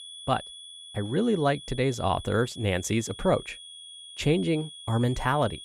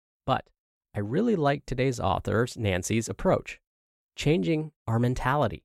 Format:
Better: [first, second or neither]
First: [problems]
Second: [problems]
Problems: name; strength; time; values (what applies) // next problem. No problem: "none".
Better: second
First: high-pitched whine; noticeable; throughout; 3.5 kHz, 15 dB below the speech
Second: none